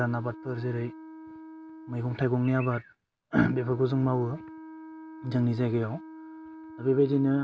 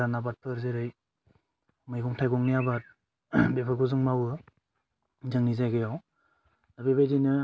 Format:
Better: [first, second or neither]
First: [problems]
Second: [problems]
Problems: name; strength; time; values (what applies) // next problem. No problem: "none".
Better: second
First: background sound (Wind instrument, woodwind instrument); 16 dB below the speech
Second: none